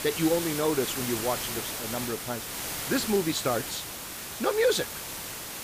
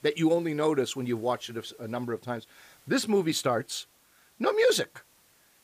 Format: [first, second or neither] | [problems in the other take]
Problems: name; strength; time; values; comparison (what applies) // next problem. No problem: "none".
second | hiss; loud; throughout; 4 dB below the speech; faint in the second